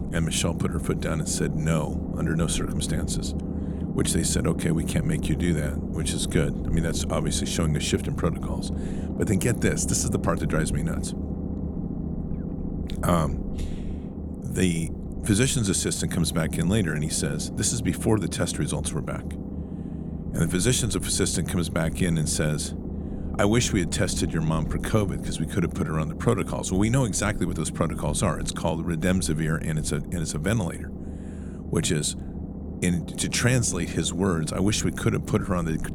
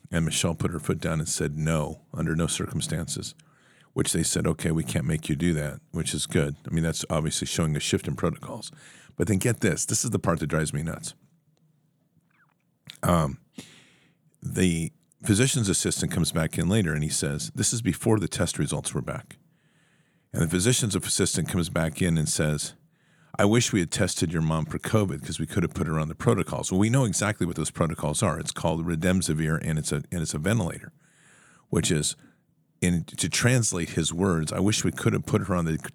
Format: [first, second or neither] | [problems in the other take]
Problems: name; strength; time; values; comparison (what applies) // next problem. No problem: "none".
second | low rumble; noticeable; throughout; 10 dB below the speech